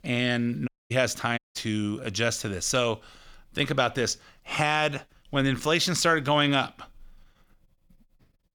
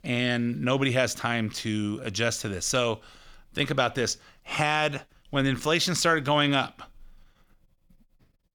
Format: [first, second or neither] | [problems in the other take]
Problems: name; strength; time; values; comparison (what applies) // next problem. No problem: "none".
second | audio cutting out; at 0.5 s and at 1.5 s